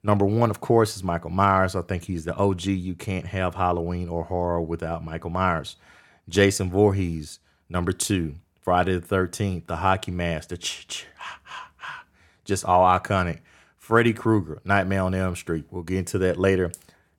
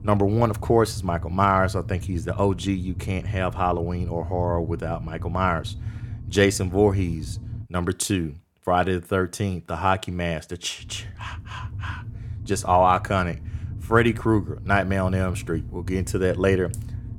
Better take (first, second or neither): first